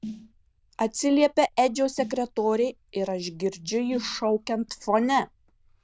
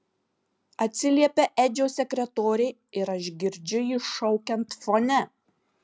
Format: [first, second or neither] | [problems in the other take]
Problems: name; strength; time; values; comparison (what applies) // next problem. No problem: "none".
second | noise reduction (neural diffusion model UNIVERSE++)